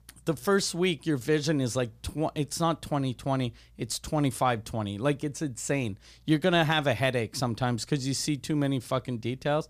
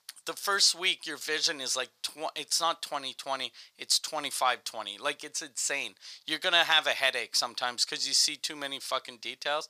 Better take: first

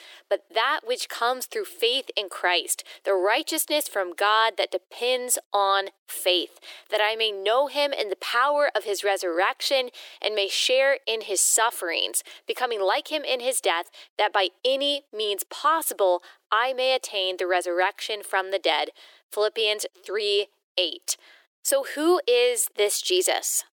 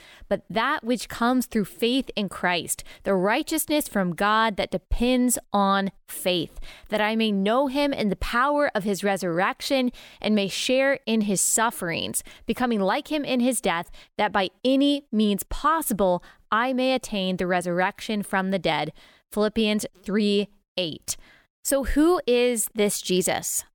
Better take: second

